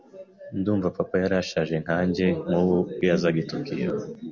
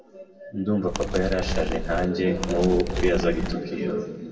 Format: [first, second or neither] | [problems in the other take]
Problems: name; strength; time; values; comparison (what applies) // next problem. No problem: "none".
first | background sound (Animal); 3 dB below the speech // room echo; dies away in 2.2 s